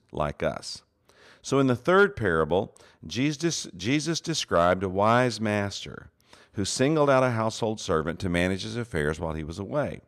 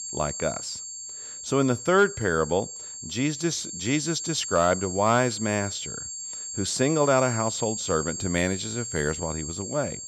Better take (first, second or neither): first